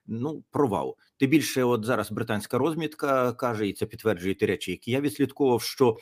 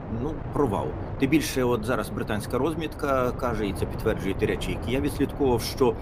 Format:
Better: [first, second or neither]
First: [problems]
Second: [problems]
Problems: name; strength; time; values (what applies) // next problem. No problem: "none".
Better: first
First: none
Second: wind noise on the microphone; occasional gusts; 10 dB below the speech